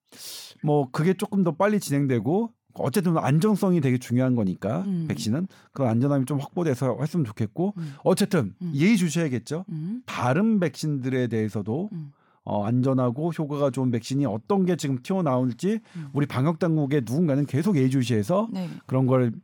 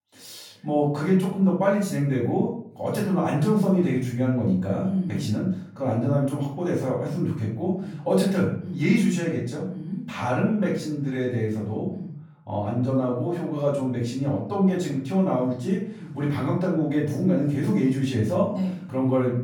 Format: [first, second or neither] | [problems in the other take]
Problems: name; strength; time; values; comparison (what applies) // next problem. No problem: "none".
first | off-mic speech; far // room echo; noticeable; dies away in 0.5 s